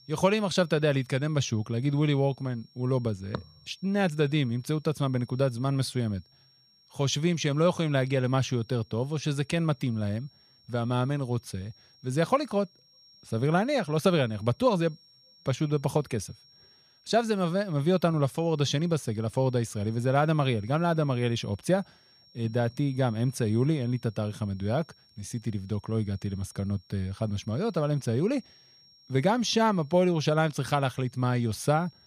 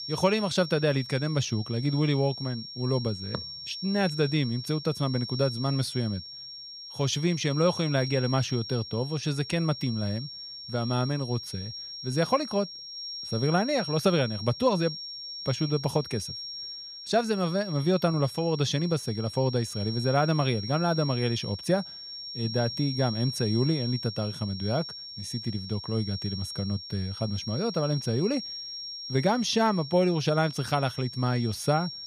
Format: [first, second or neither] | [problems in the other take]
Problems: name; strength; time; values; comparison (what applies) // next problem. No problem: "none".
first | high-pitched whine; loud; throughout; 5.5 kHz, 9 dB below the speech; faint in the first